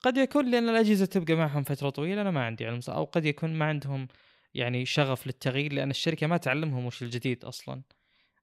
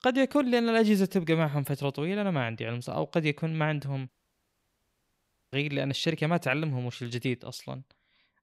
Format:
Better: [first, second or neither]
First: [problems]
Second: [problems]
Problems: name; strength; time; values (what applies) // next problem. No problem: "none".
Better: first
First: none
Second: audio cutting out; at 4 s for 1.5 s